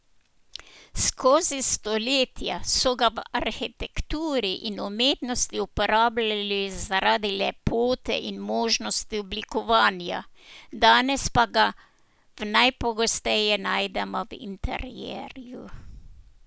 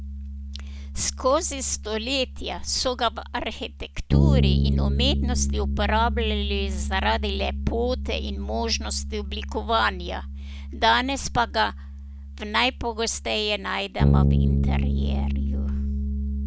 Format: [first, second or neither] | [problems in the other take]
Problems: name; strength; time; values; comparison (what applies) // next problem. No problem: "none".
first | background sound (Bass guitar); 2 dB above the speech